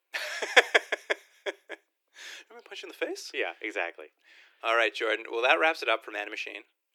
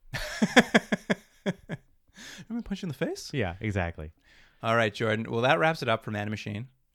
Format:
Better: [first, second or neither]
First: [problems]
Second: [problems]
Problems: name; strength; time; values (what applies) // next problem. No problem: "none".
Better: second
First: thin; very; fading below 350 Hz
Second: none